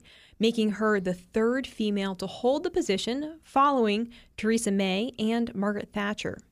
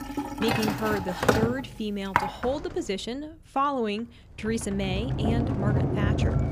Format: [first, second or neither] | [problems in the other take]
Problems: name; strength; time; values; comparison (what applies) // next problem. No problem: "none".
first | household noises; very loud; throughout; 3 dB above the speech